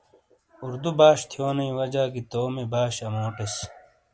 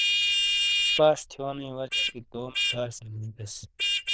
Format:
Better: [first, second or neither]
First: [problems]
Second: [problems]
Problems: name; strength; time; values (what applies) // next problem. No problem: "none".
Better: first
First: none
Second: noise reduction (neural diffusion model UNIVERSE++)